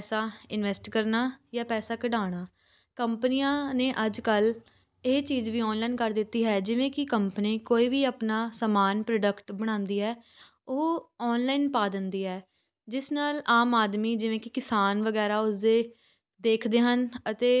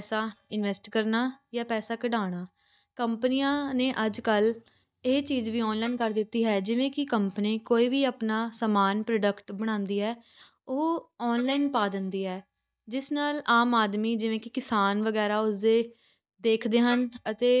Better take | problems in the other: first | noise reduction (neural mask model DeepFilterNet 3)

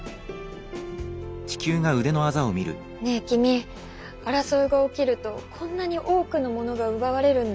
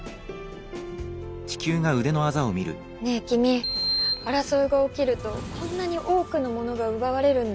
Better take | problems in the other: first | background sound (Sliding door); 7 dB below the speech

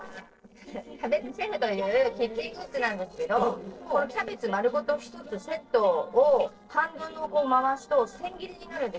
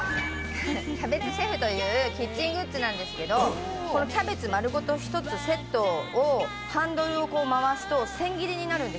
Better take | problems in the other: second | noise reduction (neural separator model SepFormer DNS4)

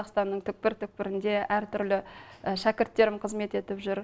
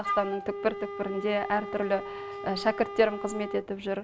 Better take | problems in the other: first | background sound (Wind instrument, woodwind instrument); 8 dB below the speech

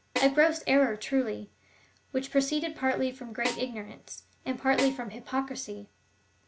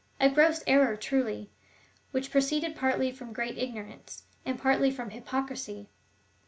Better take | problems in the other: second | background sound (Snare drum); 9 dB below the speech

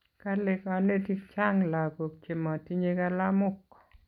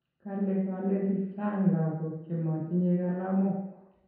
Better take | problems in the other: first | room echo; dies away in 0.9 s

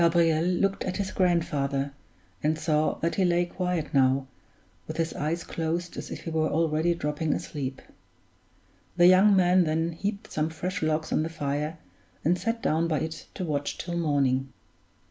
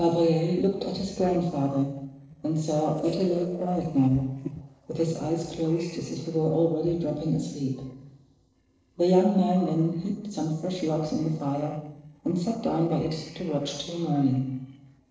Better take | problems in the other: first | noise reduction (neural separator model SepFormer DNS4)

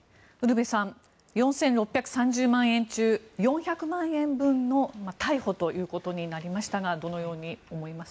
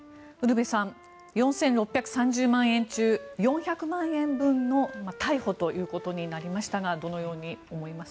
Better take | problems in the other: first | background sound (Wind instrument, woodwind instrument); 19 dB below the speech

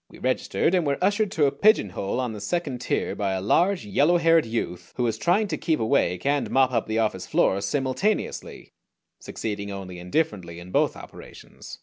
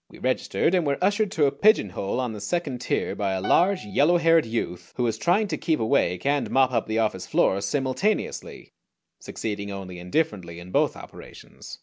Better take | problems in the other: first | background sound (Piano); 14 dB below the speech

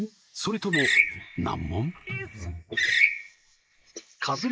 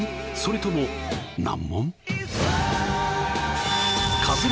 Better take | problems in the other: second | noise reduction (neural mask model Resemble Enhance denoiser)

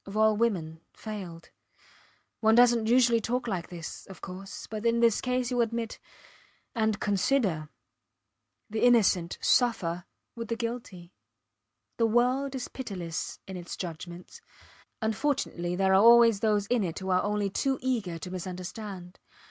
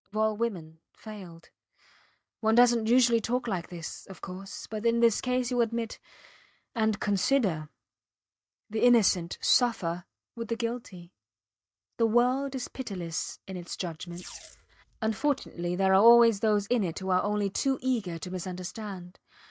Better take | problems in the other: first | noise reduction (neural mask model DeepFilterNet 3)

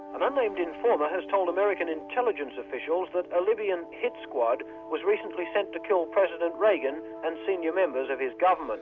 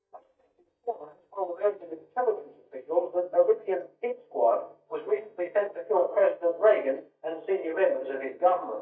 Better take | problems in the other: first | noise reduction (neural mask model DeepFilterNet 3)

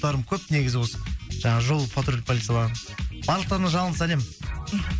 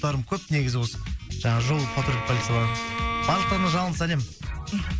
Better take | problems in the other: first | background sound (Bowed string instrument); 5 dB below the speech

